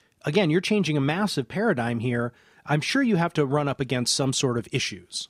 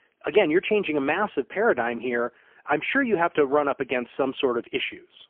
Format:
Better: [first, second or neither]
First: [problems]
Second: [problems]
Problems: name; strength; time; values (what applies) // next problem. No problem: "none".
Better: first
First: none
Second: phone-call audio; poor line; nothing above 3 kHz